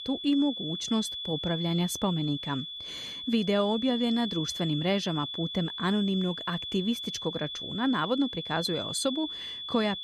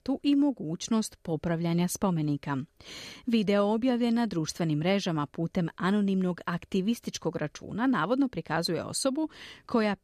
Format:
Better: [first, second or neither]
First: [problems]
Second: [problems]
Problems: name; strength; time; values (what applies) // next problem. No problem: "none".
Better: second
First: high-pitched whine; loud; throughout; 3.5 kHz, 5 dB below the speech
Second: none